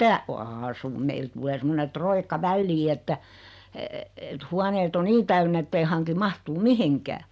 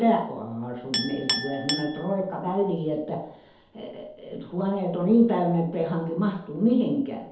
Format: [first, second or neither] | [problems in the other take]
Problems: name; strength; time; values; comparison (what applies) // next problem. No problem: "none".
first | background sound (Chink, clink); 12 dB below the speech // room echo; dies away in 2 s